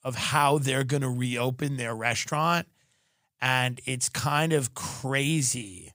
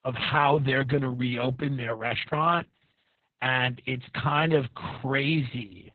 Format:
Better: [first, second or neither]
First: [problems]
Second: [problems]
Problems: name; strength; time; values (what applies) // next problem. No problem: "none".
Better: first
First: none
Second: garbled, watery; badly; nothing above 4 kHz